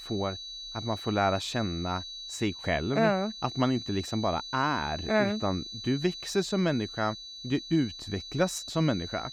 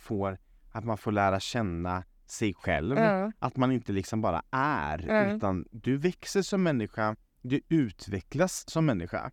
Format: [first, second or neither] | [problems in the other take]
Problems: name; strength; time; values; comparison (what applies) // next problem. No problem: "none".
second | high-pitched whine; loud; throughout; 4 kHz, 9 dB below the speech